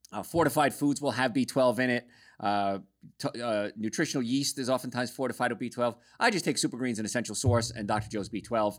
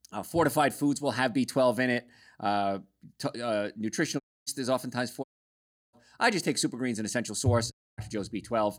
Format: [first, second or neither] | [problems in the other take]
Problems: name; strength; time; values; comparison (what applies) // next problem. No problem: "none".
first | audio cutting out; at 4 s, at 5 s for 0.5 s and at 7.5 s